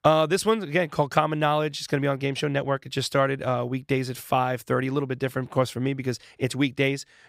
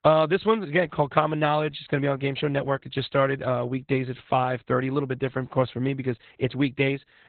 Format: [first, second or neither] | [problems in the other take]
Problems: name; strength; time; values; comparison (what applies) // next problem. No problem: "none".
first | garbled, watery; badly; nothing above 4 kHz